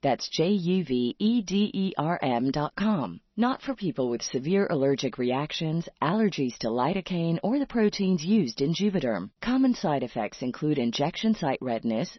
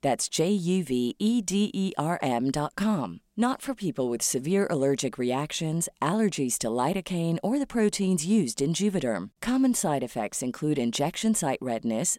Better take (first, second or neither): second